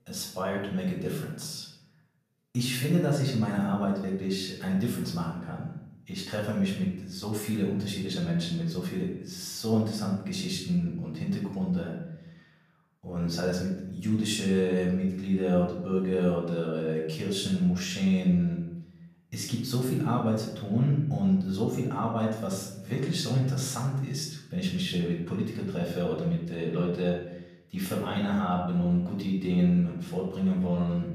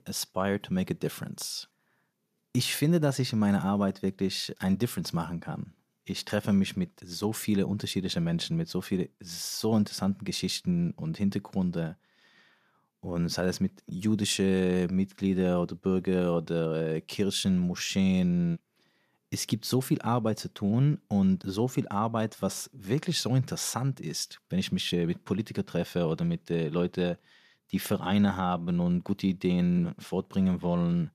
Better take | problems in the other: second | off-mic speech; far // room echo; noticeable; dies away in 0.7 s

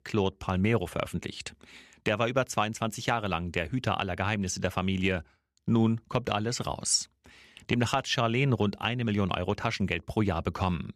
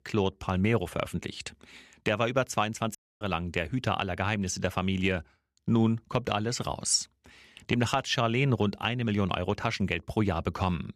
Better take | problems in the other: first | audio cutting out; at 3 s

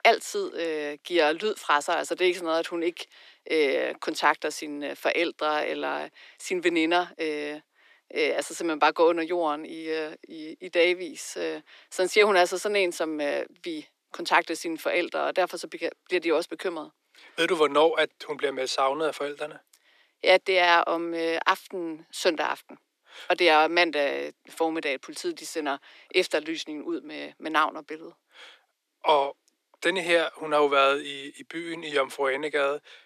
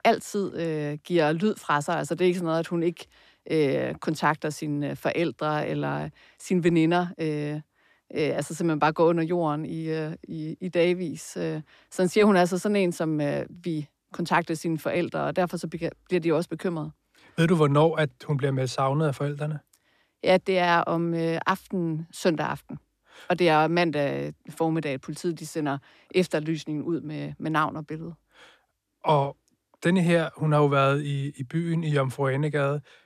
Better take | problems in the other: second | thin; very; fading below 350 Hz

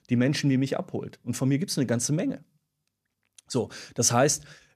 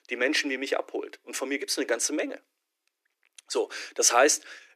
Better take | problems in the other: first | thin; very; fading below 300 Hz

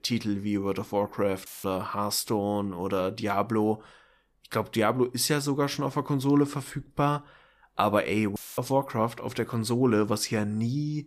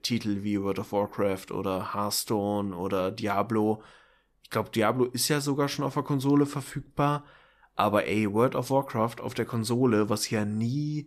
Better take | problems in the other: second | audio cutting out; filled with static; at 1.5 s and at 8.5 s

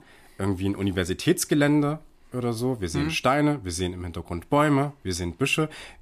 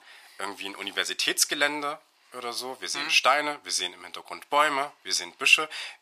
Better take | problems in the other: first | thin; very; fading below 850 Hz

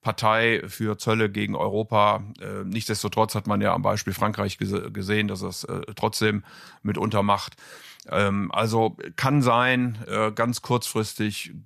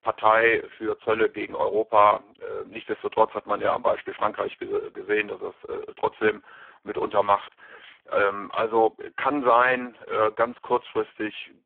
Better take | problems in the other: first | phone-call audio; poor line

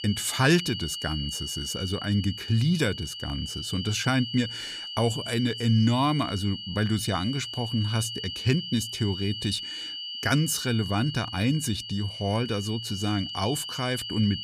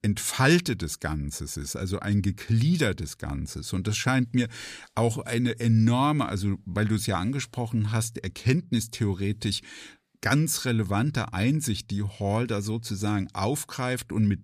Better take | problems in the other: second | high-pitched whine; loud; throughout; 3 kHz, 7 dB below the speech

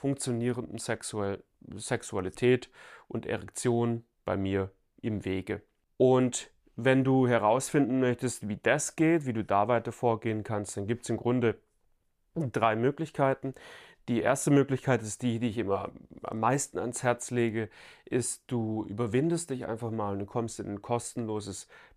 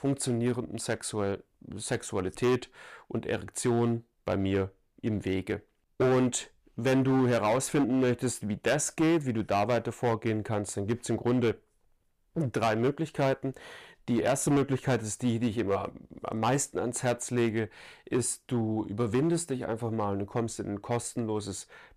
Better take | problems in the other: first | distortion; slight; 6% of the sound clipped

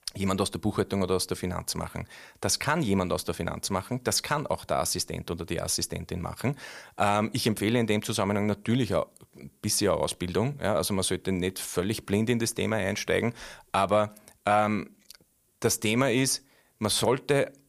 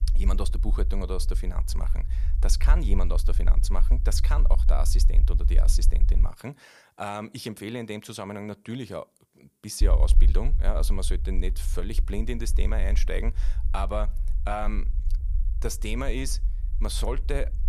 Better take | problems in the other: first | low rumble; noticeable; until 6.5 s and from 10 s on; 15 dB below the speech

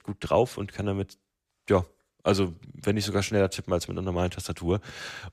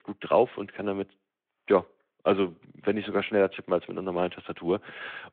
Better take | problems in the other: first | phone-call audio

